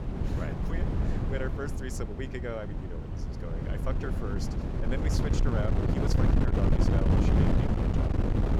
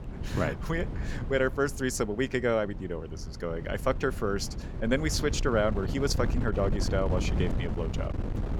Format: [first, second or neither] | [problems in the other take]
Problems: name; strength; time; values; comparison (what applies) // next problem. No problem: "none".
second | wind noise on the microphone; heavy; 3 dB above the speech; occasional gusts in the second